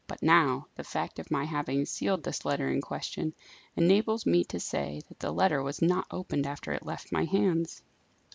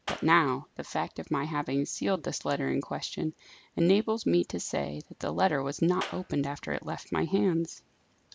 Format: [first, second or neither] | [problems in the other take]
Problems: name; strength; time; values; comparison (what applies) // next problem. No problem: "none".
first | background sound (Clapping); 14 dB below the speech